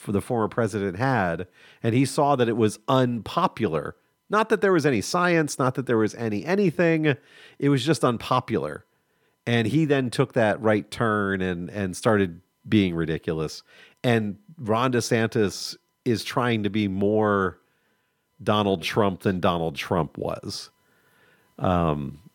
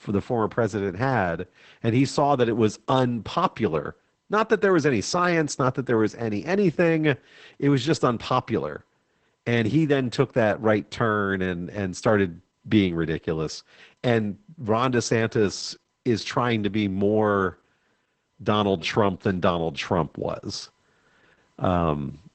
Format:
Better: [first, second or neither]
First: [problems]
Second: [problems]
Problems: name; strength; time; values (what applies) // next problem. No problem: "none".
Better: first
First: none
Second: garbled, watery; badly; nothing above 8 kHz